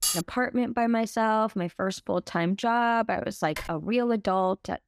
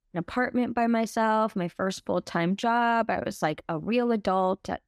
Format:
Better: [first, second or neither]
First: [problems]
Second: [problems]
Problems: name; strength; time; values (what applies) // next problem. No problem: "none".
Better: second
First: clattering dishes; loud; at the start; peak level with the speech // keyboard typing; faint; at 3.5 s; peak 15 dB below the speech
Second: none